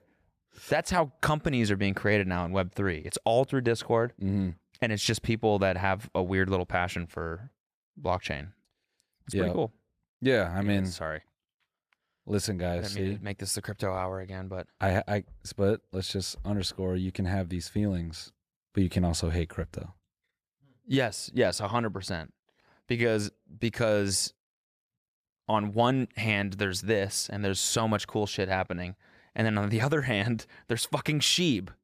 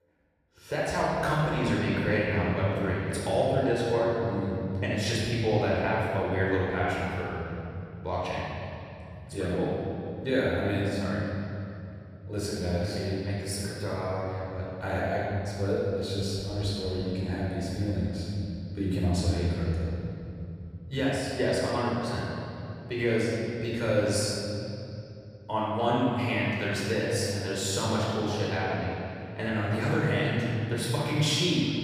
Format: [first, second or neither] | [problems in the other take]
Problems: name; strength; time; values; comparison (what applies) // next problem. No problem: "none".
first | off-mic speech; far // room echo; strong; dies away in 3 s